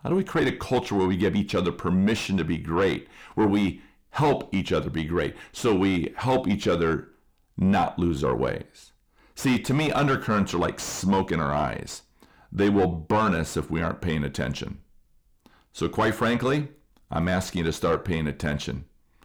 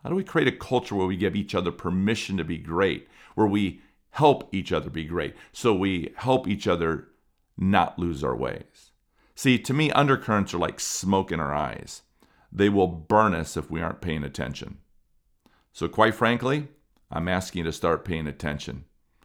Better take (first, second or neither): second